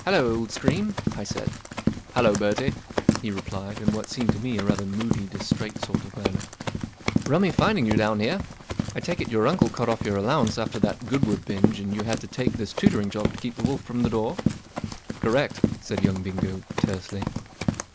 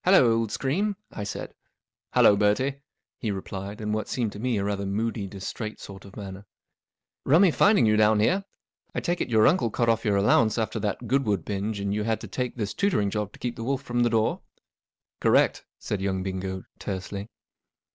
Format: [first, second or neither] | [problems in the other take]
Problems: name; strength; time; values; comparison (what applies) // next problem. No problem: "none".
second | background sound (Run); 1 dB below the speech